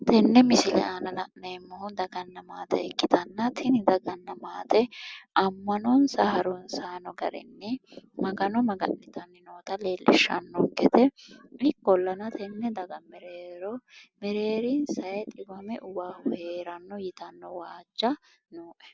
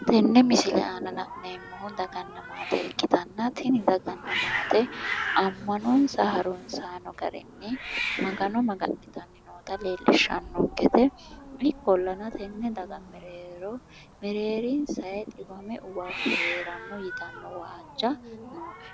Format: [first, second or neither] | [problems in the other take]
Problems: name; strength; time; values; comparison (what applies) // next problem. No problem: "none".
first | background sound (Hiss); 10 dB below the speech